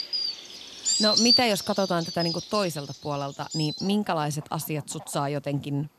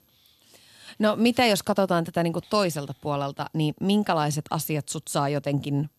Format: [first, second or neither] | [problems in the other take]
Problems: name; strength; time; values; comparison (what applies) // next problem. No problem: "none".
second | animal sounds; very loud; throughout; 3 dB above the speech